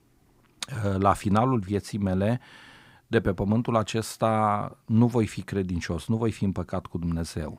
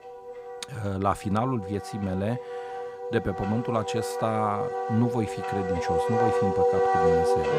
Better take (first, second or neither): first